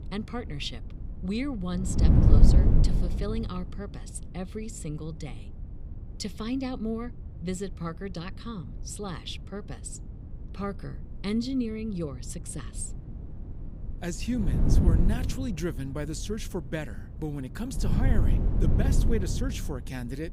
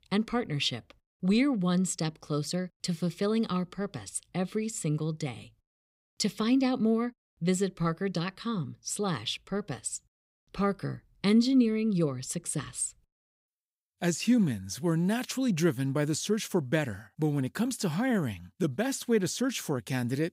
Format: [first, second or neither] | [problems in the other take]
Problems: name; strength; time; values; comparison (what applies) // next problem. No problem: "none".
second | wind noise on the microphone; heavy; 1 dB below the speech